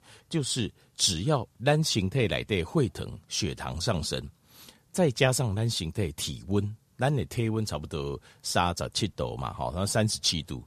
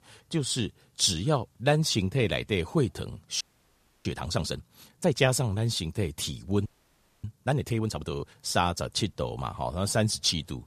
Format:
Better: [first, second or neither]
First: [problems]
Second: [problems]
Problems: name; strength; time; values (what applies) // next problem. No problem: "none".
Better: first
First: none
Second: audio freezing; at 3.5 s for 0.5 s and at 6.5 s for 0.5 s